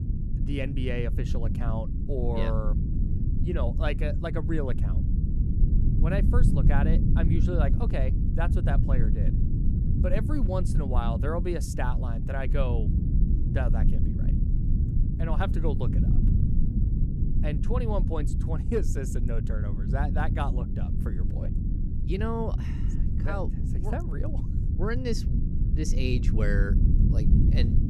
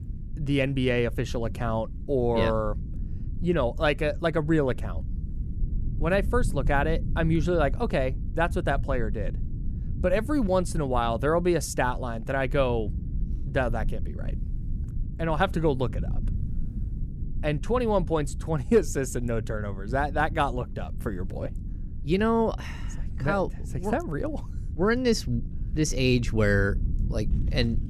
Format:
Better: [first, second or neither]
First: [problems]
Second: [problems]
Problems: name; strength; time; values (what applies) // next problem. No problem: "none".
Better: second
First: low rumble; loud; throughout; 5 dB below the speech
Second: low rumble; faint; throughout; 20 dB below the speech